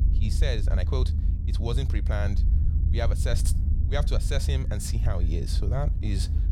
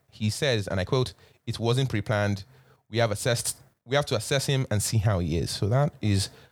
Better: second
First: low rumble; loud; throughout; 9 dB below the speech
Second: none

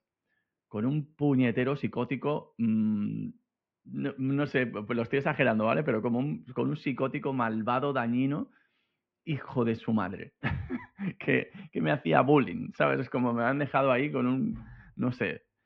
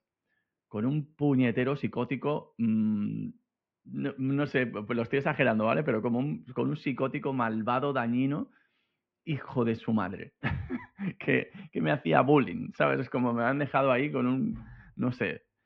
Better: neither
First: muffled; very; fading above 2.5 kHz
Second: muffled; very; fading above 2.5 kHz

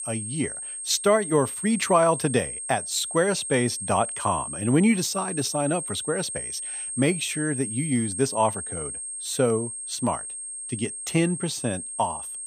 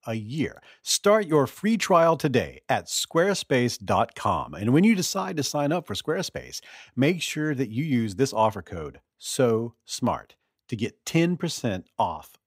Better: second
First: high-pitched whine; loud; throughout; 8.5 kHz, 6 dB below the speech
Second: none

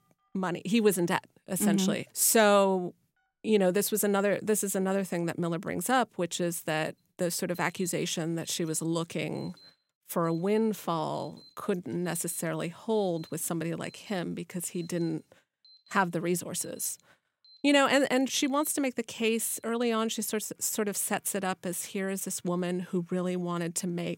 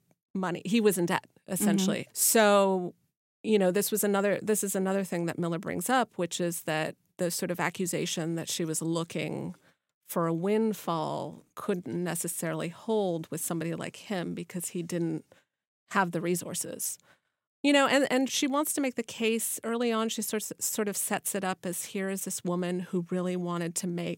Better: second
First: alarms or sirens; faint; throughout; 25 dB below the speech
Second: none

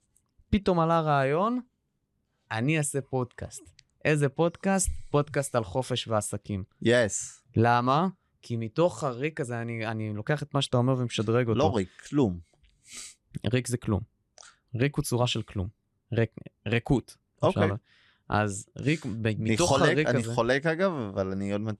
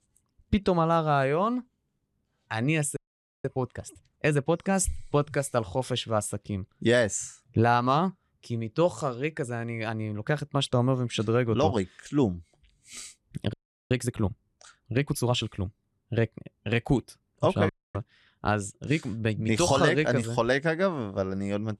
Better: first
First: none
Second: audio freezing; at 3 s, at 14 s and at 18 s

